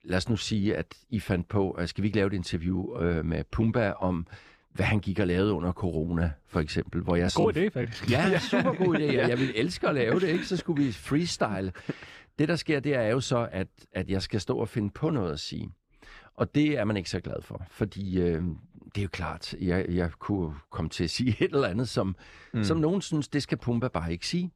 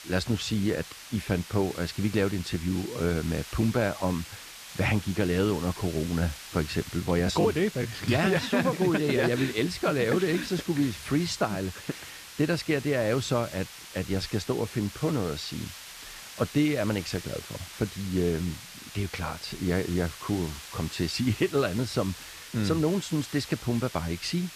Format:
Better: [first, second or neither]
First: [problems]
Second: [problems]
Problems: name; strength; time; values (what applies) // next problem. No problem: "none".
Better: first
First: none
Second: hiss; noticeable; throughout; 15 dB below the speech